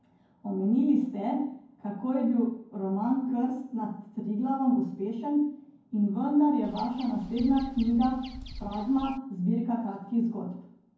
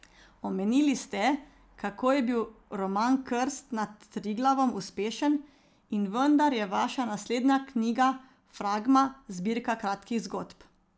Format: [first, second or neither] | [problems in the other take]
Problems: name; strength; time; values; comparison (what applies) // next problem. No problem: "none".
second | background sound (Bird vocalization, bird call, bird song); 15 dB below the speech // room echo; dies away in 0.9 s